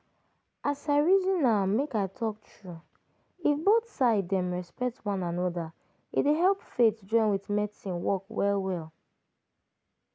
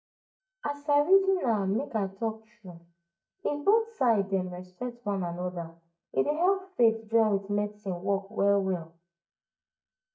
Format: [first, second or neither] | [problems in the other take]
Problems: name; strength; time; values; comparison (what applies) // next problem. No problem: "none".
first | noise reduction (neural mask model DeepFilterNet 3)